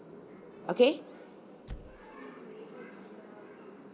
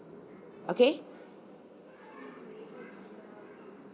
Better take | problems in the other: second | background sound (Squeak / Slam); 17 dB below the speech

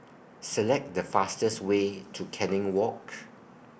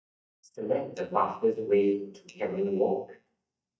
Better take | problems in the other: first | noise reduction (neural mask model DeepFilterNet 3)

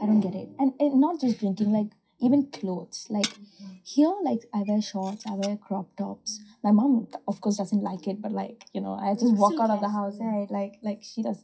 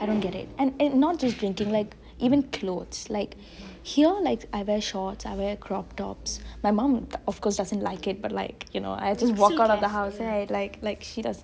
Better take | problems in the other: second | noise reduction (classical method WPE with log-MMSE)

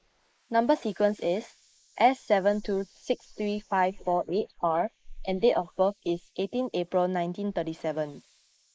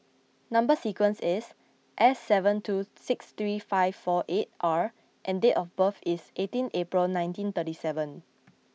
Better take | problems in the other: second | noise reduction (neural mask model Resemble Enhance denoiser)

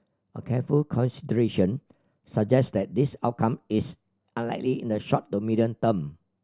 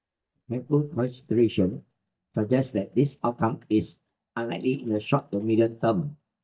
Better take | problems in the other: first | noise reduction (neural mask model DeepFilterNet 3)

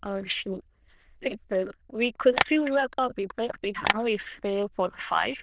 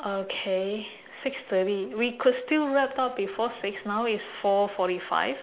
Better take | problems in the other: second | noise reduction (neural diffusion model UNIVERSE++)

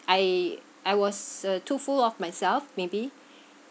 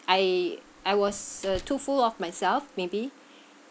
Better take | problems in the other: first | background sound (Slam); 20 dB below the speech

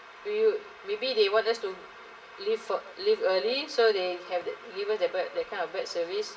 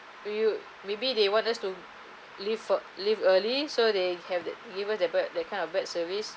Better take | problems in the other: second | room echo; dies away in 0.8 s

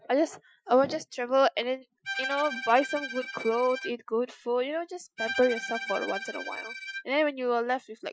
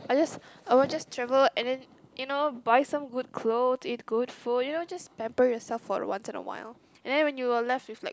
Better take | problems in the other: second | noise reduction (classical method Wiener filter)

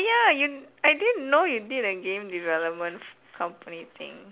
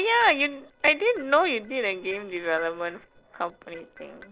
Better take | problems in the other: first | noise reduction (neural separator model SepFormer DNS4)

